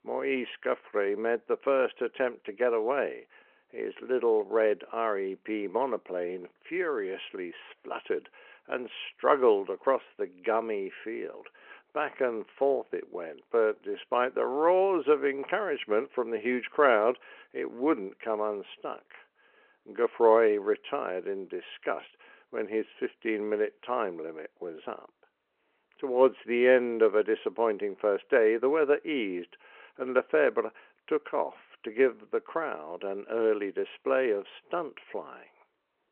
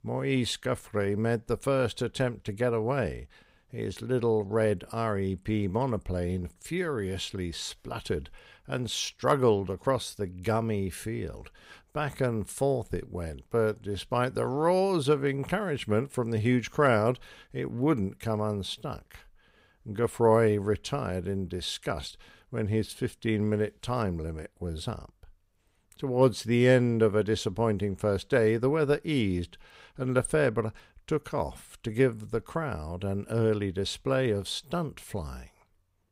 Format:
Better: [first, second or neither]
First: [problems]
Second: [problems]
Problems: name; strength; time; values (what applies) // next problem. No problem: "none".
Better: second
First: phone-call audio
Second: none